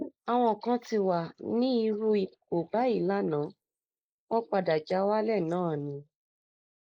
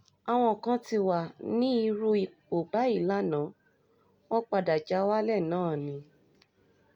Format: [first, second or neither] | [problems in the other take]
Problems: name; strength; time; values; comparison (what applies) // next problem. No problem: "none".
second | noise reduction (neural mask model Resemble Enhance denoiser)